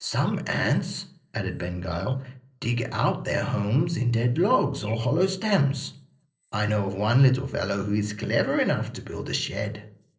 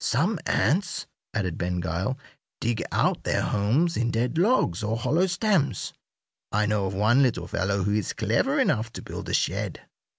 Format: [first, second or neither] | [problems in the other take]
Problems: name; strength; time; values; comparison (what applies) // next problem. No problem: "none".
second | noise reduction (neural separator model SepFormer DNS4)